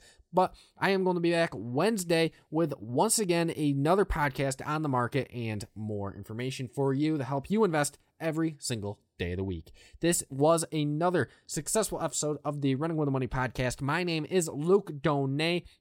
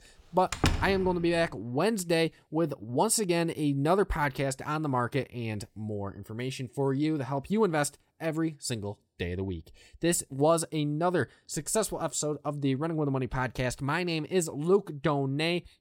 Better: first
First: none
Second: door banging; loud; at 0.5 s; peak level with the speech

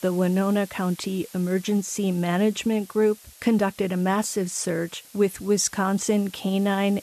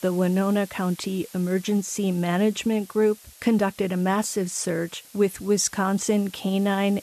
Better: neither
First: hiss; faint; throughout; 20 dB below the speech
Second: hiss; faint; throughout; 20 dB below the speech

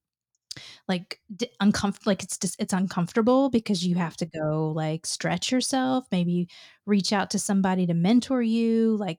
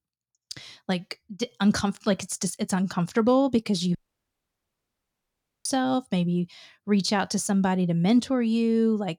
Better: first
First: none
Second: audio cutting out; at 4 s for 1.5 s

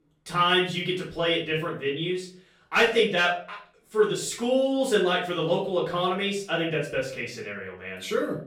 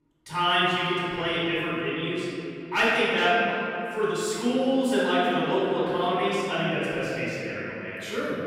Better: first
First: room echo; slight; dies away in 0.4 s // off-mic speech; far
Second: room echo; strong; dies away in 3 s // off-mic speech; far

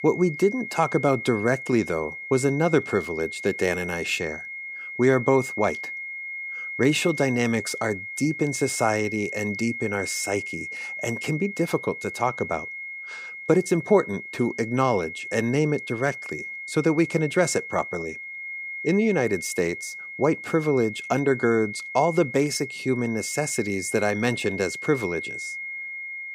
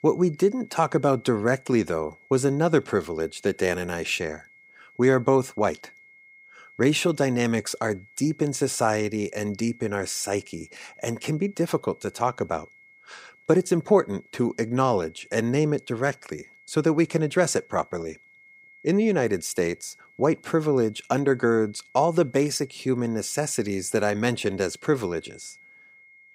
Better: second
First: high-pitched whine; loud; throughout; 2 kHz, 8 dB below the speech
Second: high-pitched whine; faint; throughout; 2 kHz, 25 dB below the speech

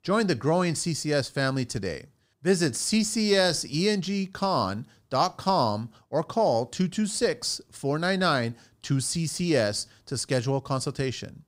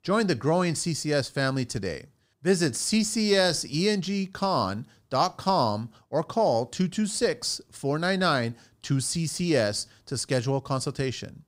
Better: neither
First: none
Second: none

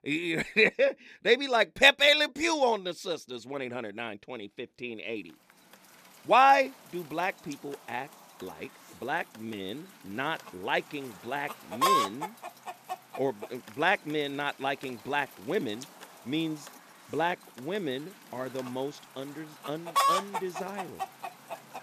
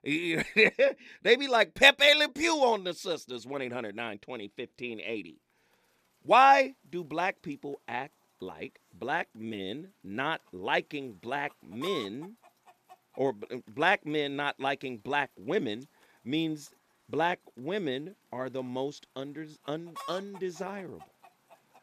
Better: second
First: animal sounds; loud; from 5.5 s on; 4 dB below the speech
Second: animal sounds; faint; from 5.5 s on; 20 dB below the speech

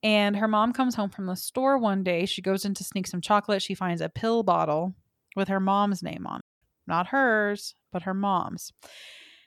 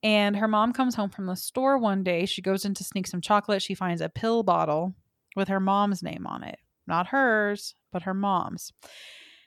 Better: second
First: audio cutting out; at 6.5 s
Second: none

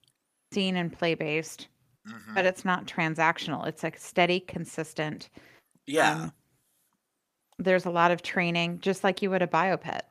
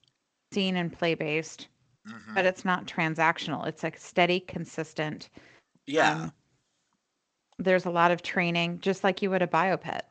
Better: first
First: none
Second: garbled, watery; slightly; nothing above 7.5 kHz

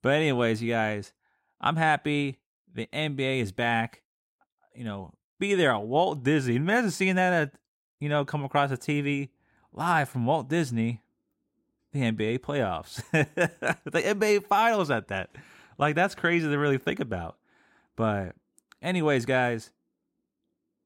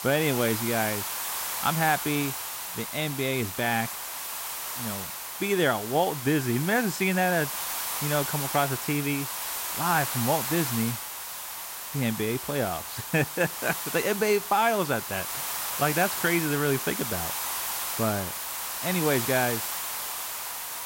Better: first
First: none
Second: hiss; loud; throughout; 3 dB below the speech

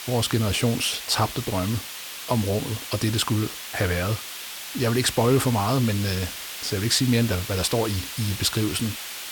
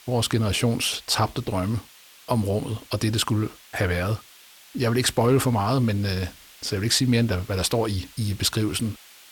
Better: second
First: hiss; loud; throughout; 8 dB below the speech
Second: hiss; faint; throughout; 20 dB below the speech

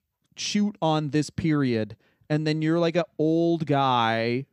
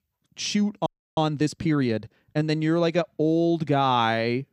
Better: first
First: none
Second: audio freezing; at 1 s

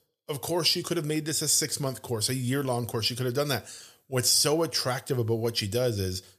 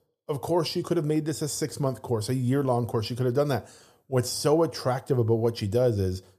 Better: first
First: none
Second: muffled; slightly; fading above 1 kHz

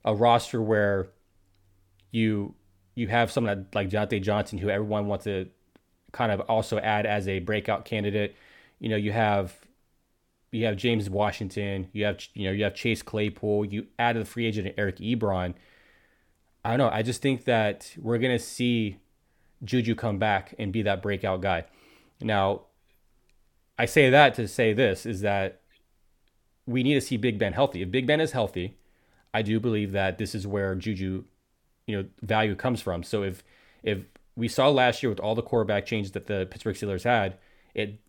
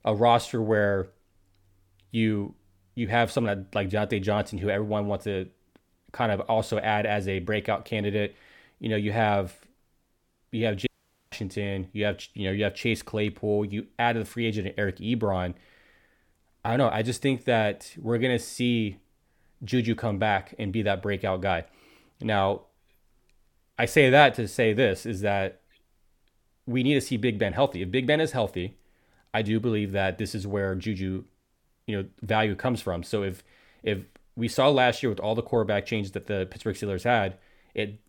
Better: first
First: none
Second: audio cutting out; at 11 s

